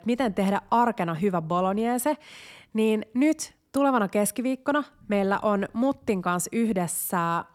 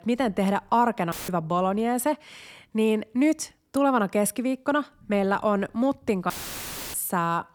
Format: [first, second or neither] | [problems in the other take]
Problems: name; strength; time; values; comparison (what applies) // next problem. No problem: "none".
first | audio cutting out; filled with static; at 1 s and at 6.5 s for 0.5 s